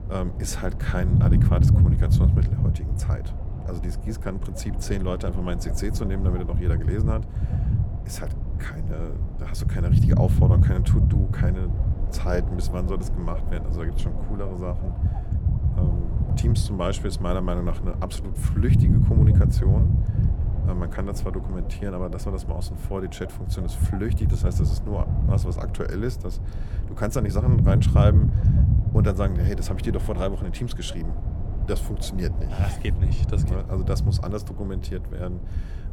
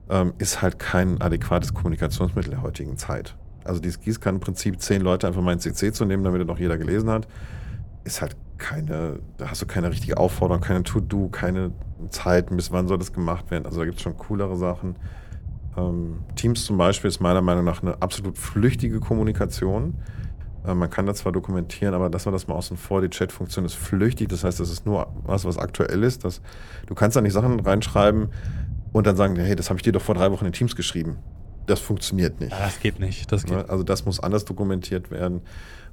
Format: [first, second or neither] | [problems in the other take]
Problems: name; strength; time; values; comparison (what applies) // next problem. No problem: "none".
second | low rumble; loud; throughout; 3 dB below the speech; faint in the second